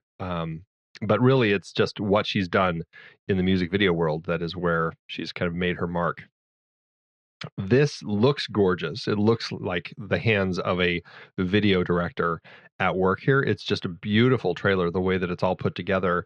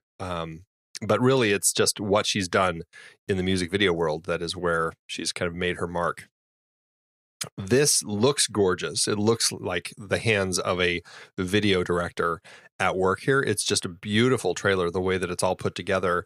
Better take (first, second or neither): second